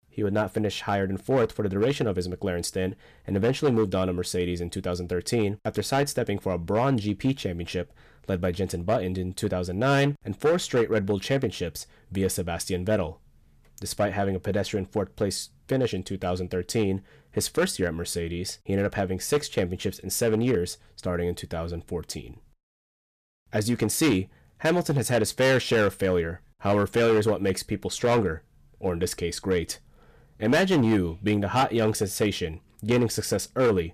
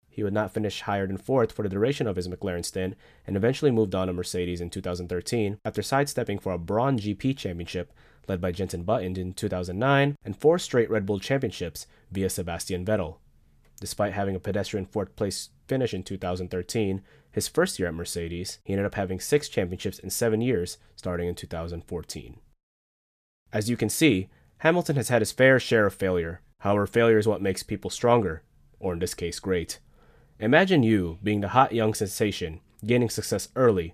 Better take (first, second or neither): second